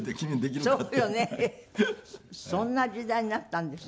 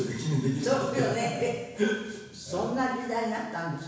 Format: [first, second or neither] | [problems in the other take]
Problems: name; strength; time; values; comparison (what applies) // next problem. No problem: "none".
first | room echo; dies away in 1.1 s